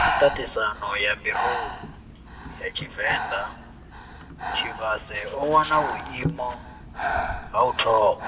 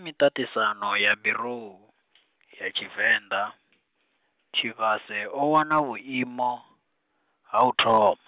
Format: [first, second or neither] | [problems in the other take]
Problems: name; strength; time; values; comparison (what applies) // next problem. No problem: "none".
second | background sound (Breathing); 4 dB below the speech // room echo; dies away in 1.7 s